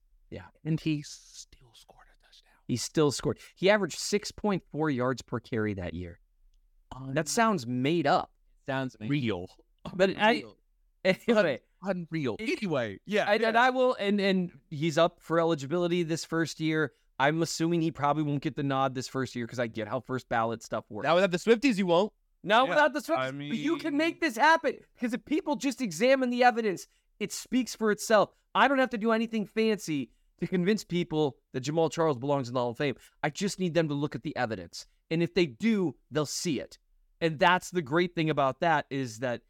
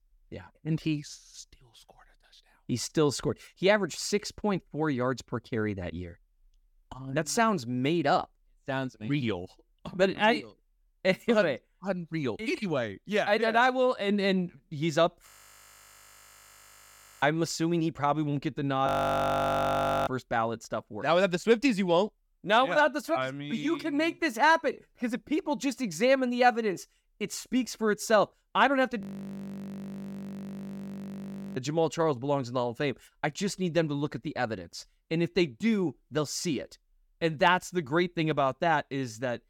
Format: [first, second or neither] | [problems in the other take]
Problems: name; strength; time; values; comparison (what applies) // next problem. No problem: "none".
first | audio freezing; at 15 s for 2 s, at 19 s for 1 s and at 29 s for 2.5 s